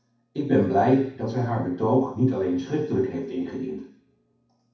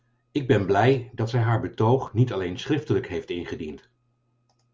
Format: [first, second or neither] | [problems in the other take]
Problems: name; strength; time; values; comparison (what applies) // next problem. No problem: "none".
second | room echo; dies away in 0.6 s